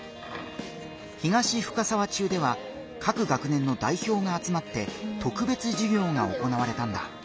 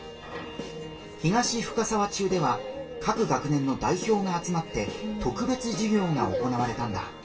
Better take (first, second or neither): first